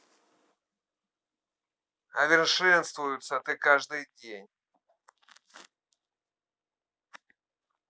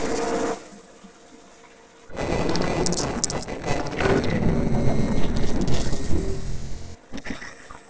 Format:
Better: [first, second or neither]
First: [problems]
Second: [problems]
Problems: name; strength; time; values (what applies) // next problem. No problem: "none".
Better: first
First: none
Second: noise reduction (neural separator model SepFormer DNS4)